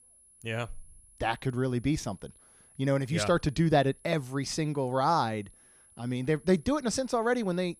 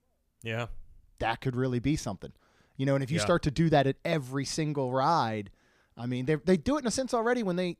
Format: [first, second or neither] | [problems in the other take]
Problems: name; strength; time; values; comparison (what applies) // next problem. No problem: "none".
second | high-pitched whine; faint; throughout; 10.5 kHz, 25 dB below the speech